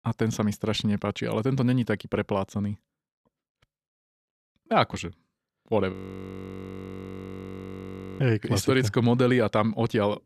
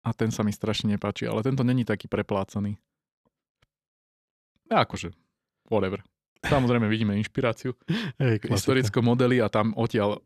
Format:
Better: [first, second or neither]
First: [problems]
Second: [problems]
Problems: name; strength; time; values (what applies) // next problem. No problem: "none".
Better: second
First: audio freezing; at 6 s for 2.5 s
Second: none